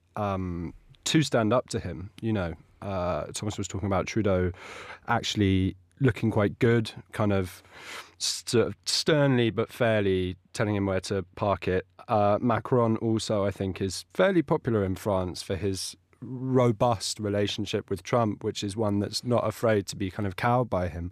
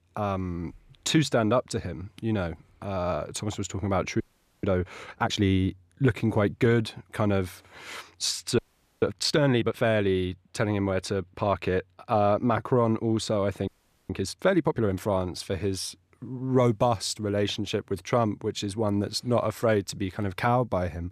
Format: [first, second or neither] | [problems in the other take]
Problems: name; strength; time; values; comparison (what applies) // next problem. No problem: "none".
first | audio freezing; at 4 s, at 8.5 s and at 14 s